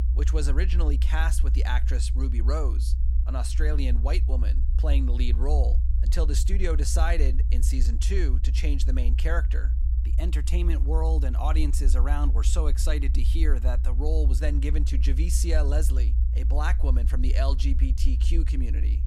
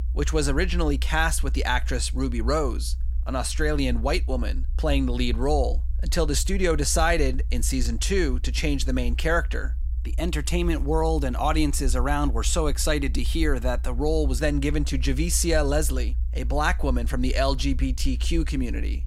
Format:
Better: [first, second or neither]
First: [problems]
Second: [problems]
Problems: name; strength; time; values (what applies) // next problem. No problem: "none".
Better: second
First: low rumble; loud; throughout; 10 dB below the speech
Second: low rumble; faint; throughout; 25 dB below the speech